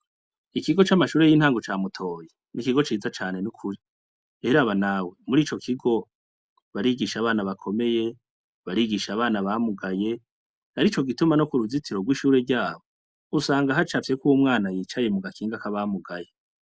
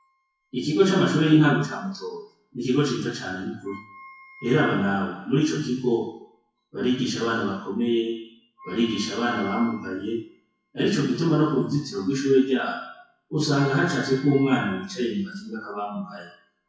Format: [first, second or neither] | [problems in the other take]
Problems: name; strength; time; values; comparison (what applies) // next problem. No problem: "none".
first | noise reduction (classical method WPE with log-MMSE)